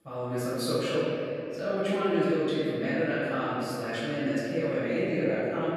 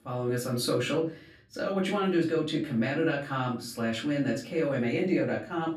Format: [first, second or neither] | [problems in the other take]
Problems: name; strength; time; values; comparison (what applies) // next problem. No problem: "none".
second | room echo; strong; dies away in 2.5 s; slight in the second // off-mic speech; far; far in the second